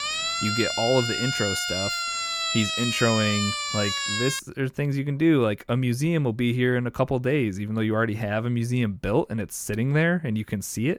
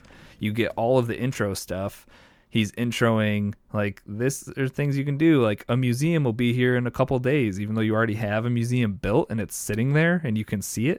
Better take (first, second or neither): second